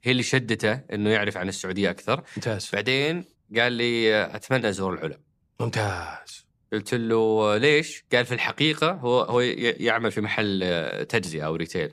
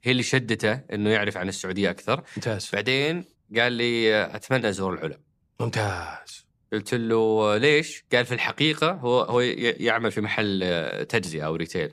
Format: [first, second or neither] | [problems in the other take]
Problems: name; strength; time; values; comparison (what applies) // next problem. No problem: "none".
neither | none